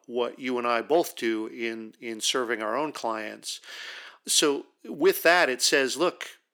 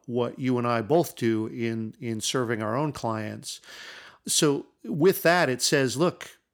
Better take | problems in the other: second | thin; somewhat; fading below 300 Hz

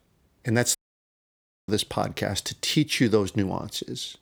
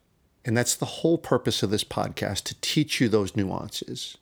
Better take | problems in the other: second | audio cutting out; at 1 s for 1 s

